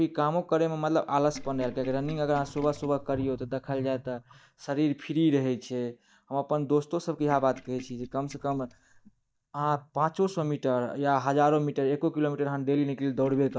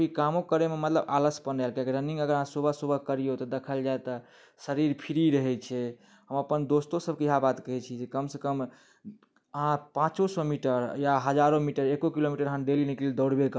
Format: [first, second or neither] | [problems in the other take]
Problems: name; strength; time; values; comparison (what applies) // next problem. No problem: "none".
second | noise reduction (neural mask model DeepFilterNet 3)